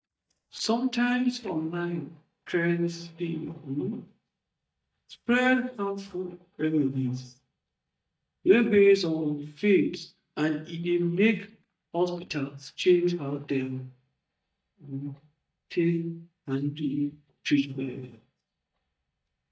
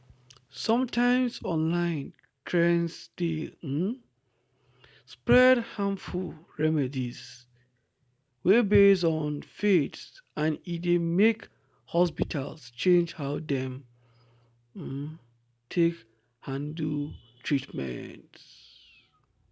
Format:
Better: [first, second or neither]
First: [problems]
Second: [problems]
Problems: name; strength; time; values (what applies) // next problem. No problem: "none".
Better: second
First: noise reduction (neural mask model DeepFilterNet 3)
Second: none